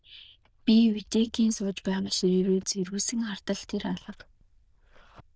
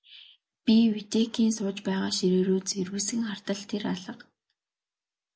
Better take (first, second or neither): second